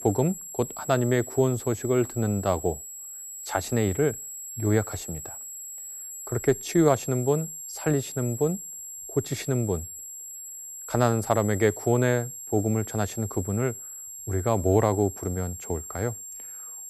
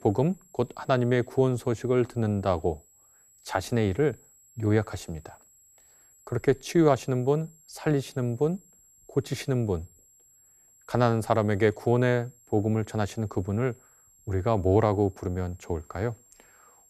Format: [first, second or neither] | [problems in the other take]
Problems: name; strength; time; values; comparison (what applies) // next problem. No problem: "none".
second | high-pitched whine; loud; throughout; 7.5 kHz, 10 dB below the speech; faint in the second